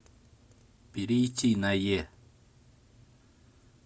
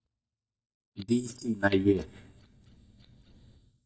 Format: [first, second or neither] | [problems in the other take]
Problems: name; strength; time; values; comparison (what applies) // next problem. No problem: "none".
first | noise reduction (neural mask model DeepFilterNet 3)